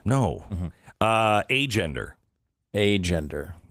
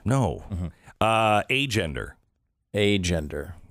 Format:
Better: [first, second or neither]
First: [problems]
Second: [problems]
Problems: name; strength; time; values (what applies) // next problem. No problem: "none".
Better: second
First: garbled, watery; slightly; nothing above 15.5 kHz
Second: none